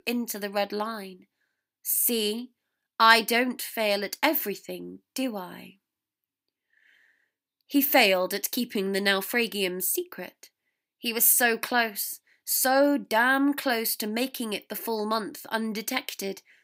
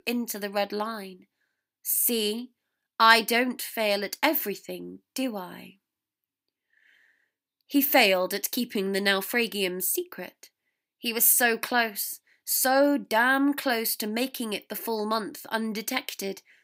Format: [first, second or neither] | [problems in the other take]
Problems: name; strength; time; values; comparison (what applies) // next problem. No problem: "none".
neither | none